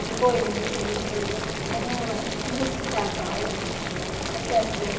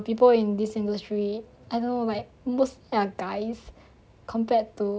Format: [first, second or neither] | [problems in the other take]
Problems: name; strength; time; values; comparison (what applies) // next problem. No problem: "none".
second | background sound (Boiling); as loud as the speech // room echo; dies away in 2.4 s